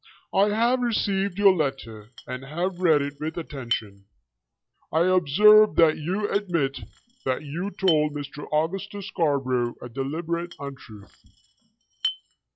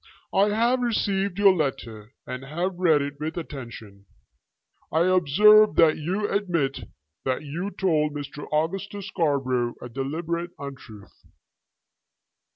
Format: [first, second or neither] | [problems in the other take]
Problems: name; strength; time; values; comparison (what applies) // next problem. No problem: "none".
second | noise reduction (classical method log-MMSE)